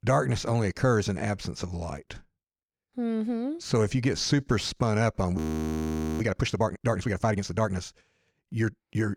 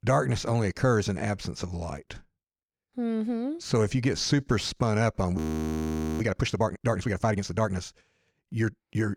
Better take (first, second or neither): neither